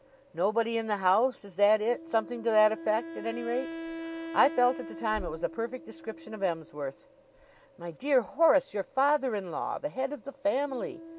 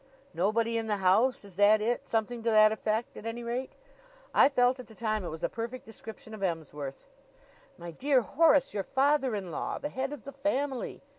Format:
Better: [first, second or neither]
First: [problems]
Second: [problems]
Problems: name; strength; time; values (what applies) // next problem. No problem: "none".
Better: second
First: background sound (Wind instrument, woodwind instrument); 15 dB below the speech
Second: none